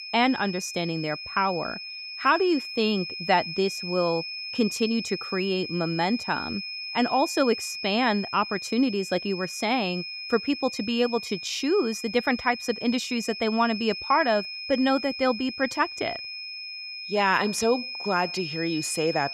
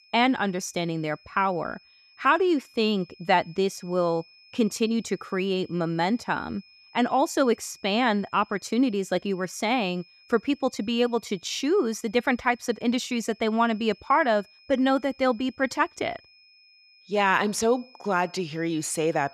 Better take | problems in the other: second | high-pitched whine; loud; throughout; 5 kHz, 7 dB below the speech; faint in the second

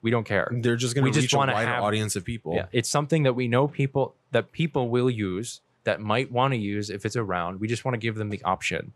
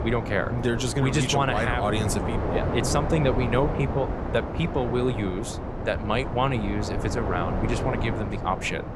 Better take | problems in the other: first | wind noise on the microphone; heavy; 5 dB below the speech

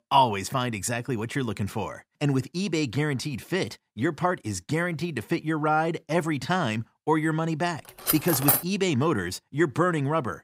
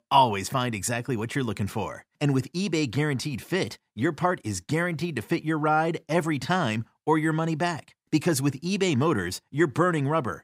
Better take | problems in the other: second | clattering dishes; loud; at 8 s; peak 5 dB above the speech

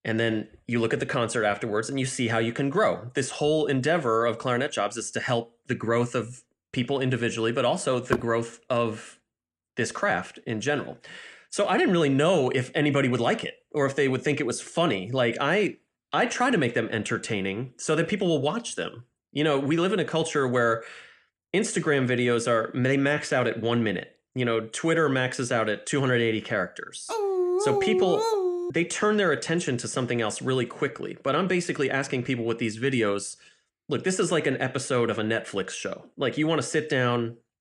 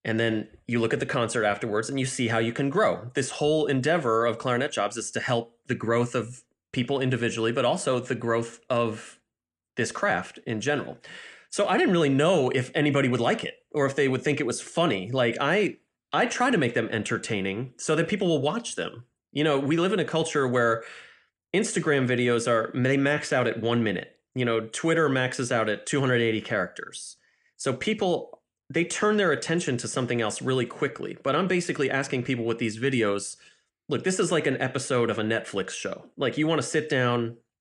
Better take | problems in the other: second | door banging; noticeable; at 8 s; peak 5 dB below the speech // dog barking; loud; from 27 to 29 s; peak 1 dB above the speech

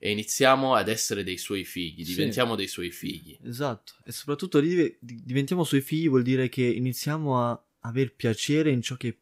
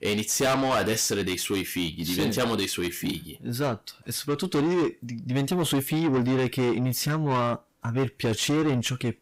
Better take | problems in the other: first | distortion; heavy; 6 dB below the speech

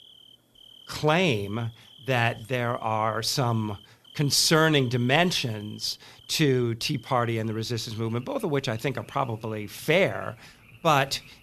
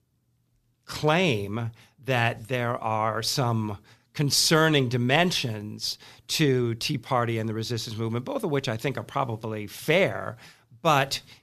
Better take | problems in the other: second | animal sounds; faint; throughout; 25 dB below the speech

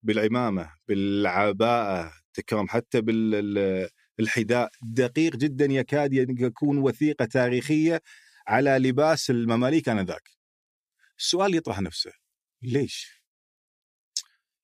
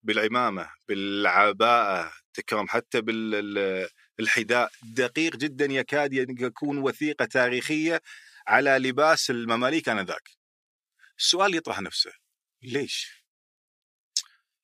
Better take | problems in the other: first | thin; somewhat; fading below 1 kHz

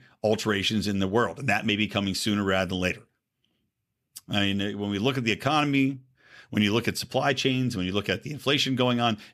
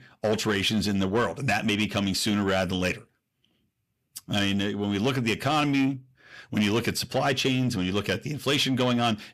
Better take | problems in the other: first | distortion; slight; 10 dB below the speech

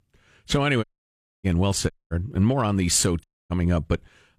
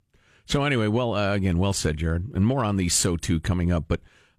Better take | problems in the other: second | audio cutting out; at 1 s for 0.5 s, at 2 s and at 3 s

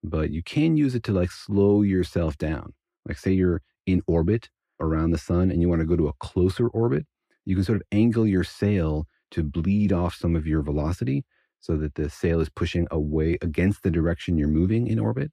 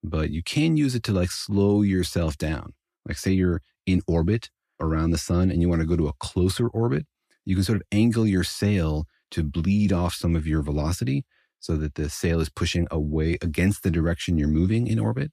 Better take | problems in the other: second | muffled; slightly; fading above 3.5 kHz

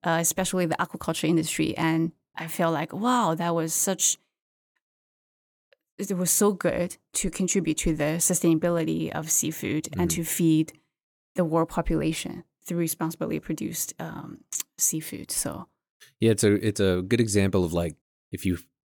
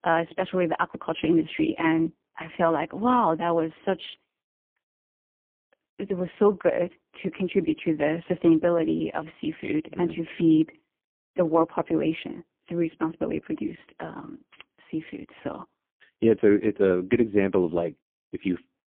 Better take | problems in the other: first | phone-call audio; poor line

